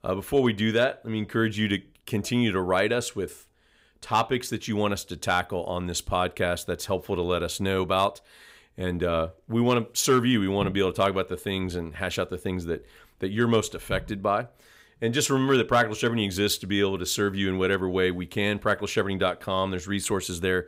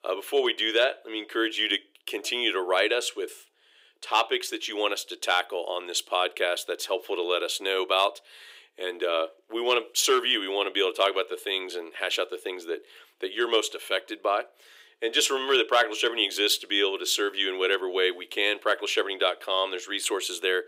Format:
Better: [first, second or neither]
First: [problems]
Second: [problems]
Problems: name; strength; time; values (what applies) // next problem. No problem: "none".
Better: first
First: none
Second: thin; very; fading below 350 Hz